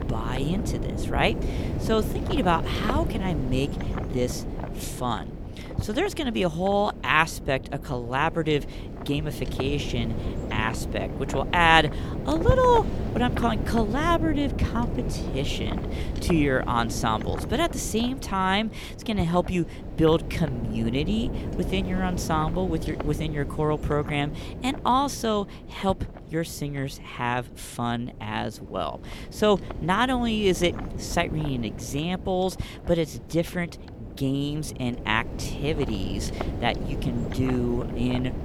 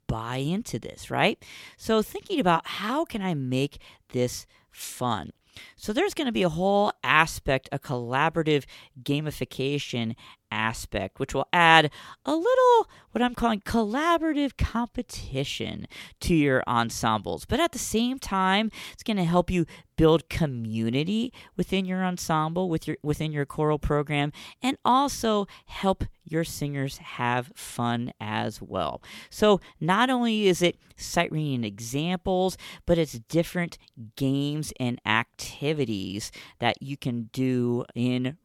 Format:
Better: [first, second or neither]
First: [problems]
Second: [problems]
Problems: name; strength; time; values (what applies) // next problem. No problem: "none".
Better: second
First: wind noise on the microphone; occasional gusts; 10 dB below the speech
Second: none